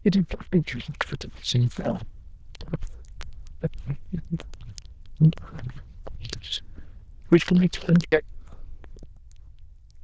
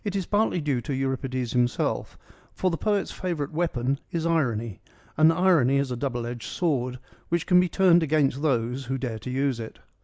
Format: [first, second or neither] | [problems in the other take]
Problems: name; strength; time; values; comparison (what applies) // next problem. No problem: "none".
second | noise reduction (neural diffusion model UNIVERSE++)